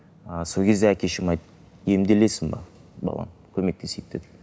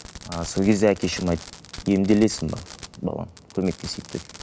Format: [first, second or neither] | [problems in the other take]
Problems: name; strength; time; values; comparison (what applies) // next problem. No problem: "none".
first | background sound (Fireworks); 17 dB below the speech